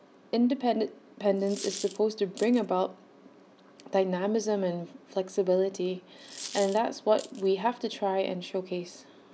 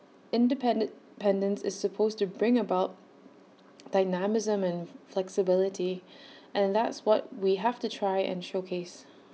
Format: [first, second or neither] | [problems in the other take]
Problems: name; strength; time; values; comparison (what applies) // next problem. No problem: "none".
second | background sound (Coin (dropping)); 15 dB below the speech